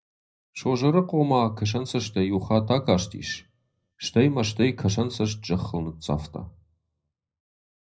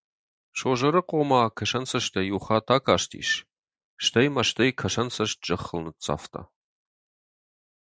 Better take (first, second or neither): second